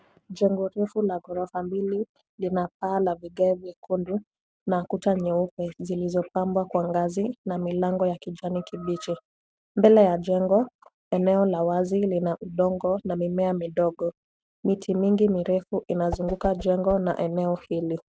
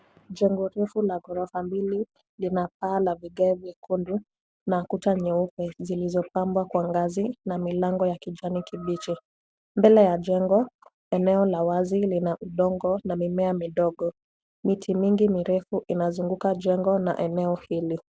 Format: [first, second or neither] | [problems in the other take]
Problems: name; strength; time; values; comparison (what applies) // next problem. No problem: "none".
second | noise reduction (neural mask model RNNoise)